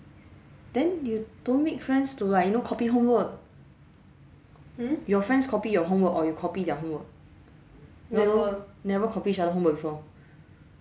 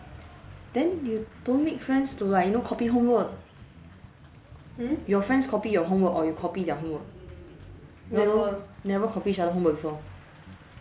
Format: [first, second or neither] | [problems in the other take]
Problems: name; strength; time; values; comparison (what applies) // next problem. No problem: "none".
first | background sound (Applause + Bass guitar); 20 dB below the speech